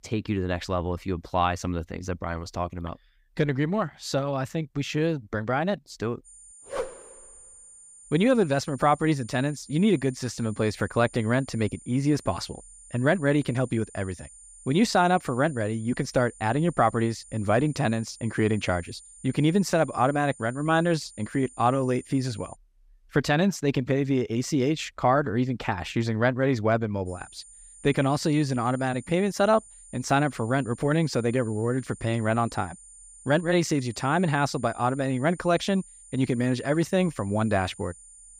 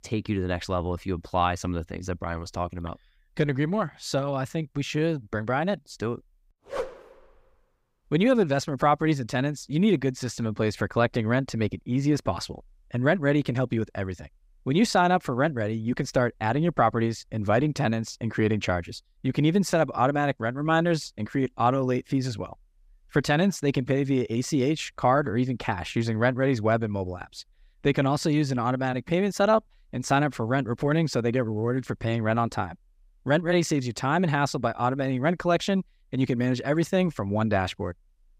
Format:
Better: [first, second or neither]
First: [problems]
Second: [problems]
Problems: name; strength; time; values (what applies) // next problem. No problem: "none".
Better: second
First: high-pitched whine; faint; from 6.5 to 23 s and from 27 s on; 9 kHz, 20 dB below the speech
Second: none